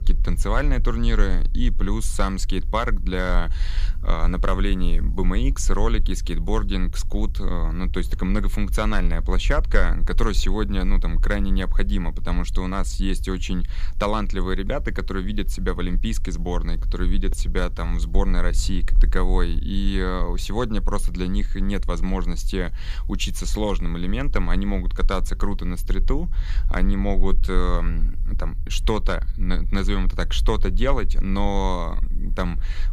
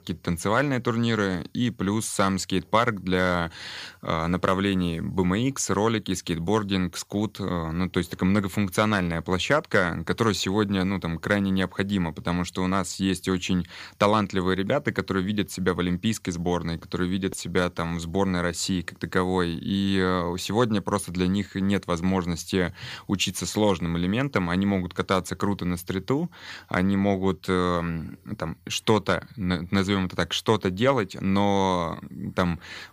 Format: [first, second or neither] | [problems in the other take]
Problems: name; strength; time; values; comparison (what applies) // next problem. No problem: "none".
second | low rumble; faint; throughout; 20 dB below the speech